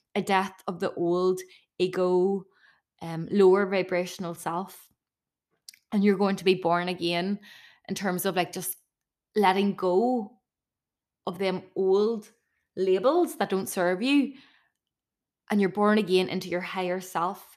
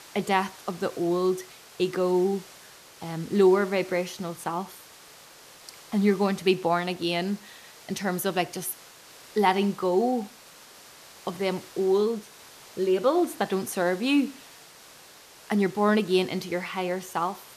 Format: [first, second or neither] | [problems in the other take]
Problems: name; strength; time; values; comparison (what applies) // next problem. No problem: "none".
first | hiss; faint; throughout; 20 dB below the speech